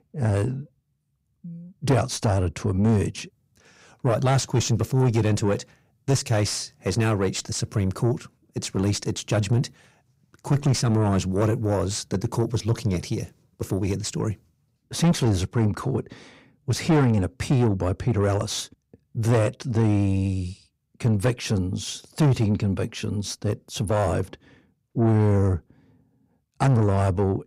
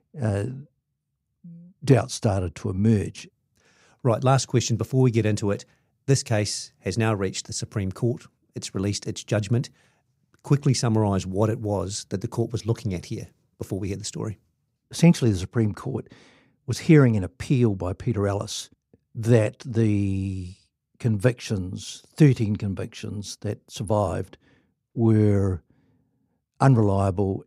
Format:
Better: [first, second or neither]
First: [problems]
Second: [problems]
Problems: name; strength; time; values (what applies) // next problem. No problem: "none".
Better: second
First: distortion; heavy; 7 dB below the speech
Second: none